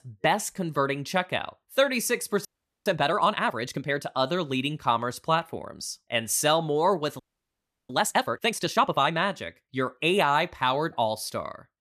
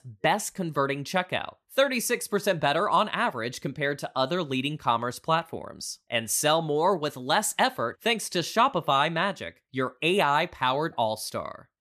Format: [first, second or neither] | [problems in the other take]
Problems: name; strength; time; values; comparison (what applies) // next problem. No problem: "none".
second | audio freezing; at 2.5 s and at 7 s for 0.5 s